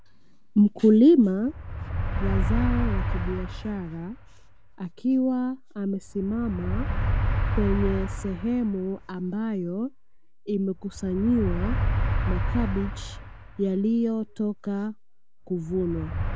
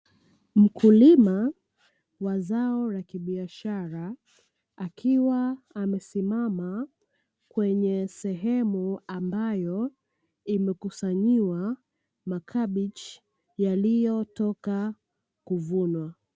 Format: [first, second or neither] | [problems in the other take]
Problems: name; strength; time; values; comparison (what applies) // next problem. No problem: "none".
second | background sound (Motor vehicle (road)); 3 dB below the speech